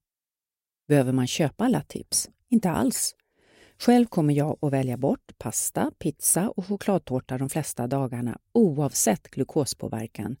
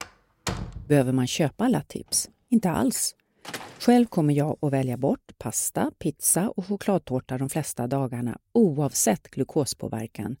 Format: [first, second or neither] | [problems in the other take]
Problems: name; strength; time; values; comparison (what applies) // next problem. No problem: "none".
first | door banging; noticeable; at the start; peak 7 dB below the speech // door banging; faint; at 3.5 s; peak 10 dB below the speech